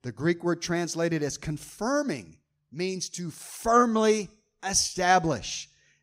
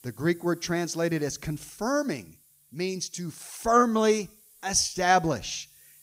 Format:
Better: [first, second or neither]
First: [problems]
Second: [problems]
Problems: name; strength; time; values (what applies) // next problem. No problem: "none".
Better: first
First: none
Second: hiss; faint; throughout; 25 dB below the speech